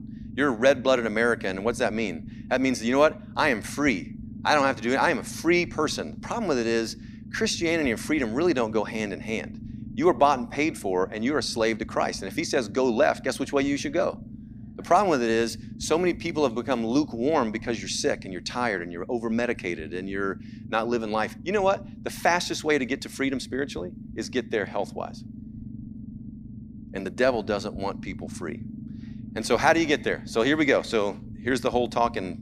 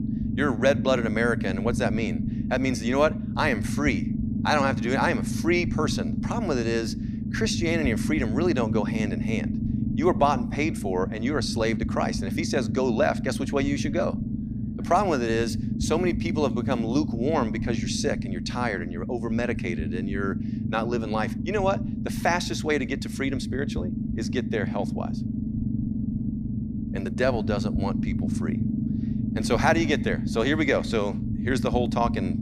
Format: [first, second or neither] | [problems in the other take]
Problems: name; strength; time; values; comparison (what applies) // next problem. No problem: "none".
first | low rumble; loud; throughout; 9 dB below the speech; faint in the first